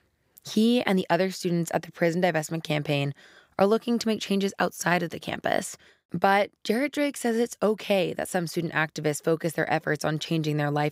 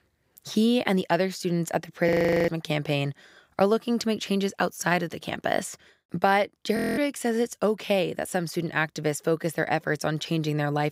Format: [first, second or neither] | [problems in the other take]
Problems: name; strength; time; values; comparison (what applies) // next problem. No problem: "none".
first | audio freezing; at 2 s and at 7 s